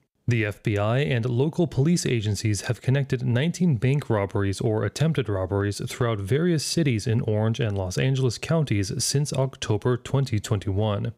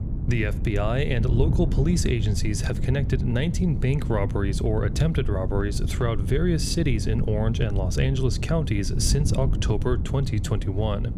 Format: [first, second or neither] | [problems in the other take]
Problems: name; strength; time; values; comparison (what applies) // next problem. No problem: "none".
first | wind noise on the microphone; occasional gusts; 10 dB below the speech